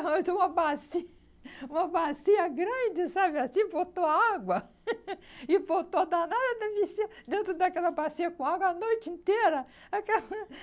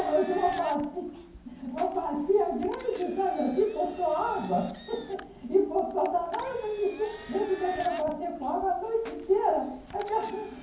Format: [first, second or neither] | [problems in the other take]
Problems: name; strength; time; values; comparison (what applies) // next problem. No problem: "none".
first | background sound (Engine); 19 dB below the speech // room echo; dies away in 0.9 s